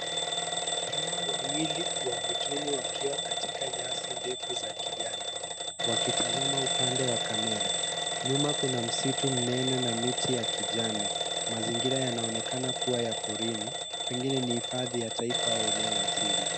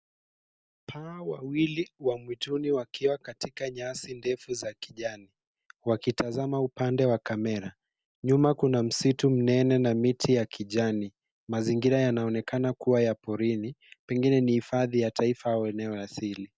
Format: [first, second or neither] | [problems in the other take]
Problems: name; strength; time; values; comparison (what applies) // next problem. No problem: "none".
second | background sound (Alarm / Bell); 4 dB above the speech